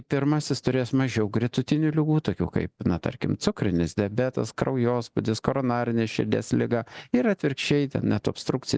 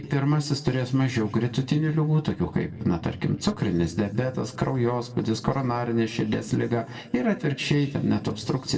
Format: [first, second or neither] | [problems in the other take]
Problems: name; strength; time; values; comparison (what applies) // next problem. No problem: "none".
first | room echo; dies away in 1.1 s